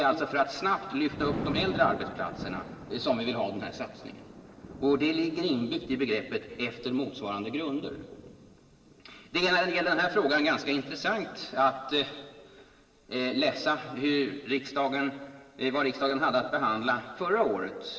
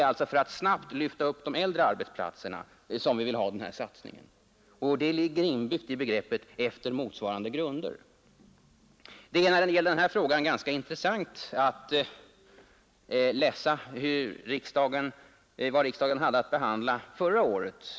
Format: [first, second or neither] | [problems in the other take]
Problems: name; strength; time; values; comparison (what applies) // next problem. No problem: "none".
second | background sound (Thunder); 15 dB below the speech // room echo; dies away in 1.9 s